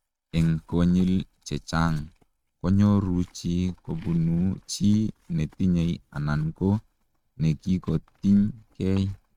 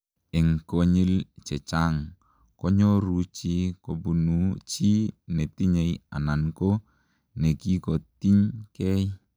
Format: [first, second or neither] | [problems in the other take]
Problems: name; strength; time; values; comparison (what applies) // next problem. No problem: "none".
second | noise reduction (neural mask model RNNoise)